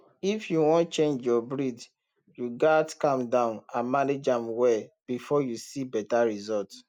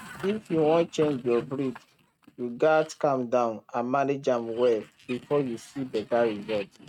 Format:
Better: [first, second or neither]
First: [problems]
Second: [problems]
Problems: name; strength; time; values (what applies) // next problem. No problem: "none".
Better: first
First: none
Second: noise reduction (neural mask model RNNoise)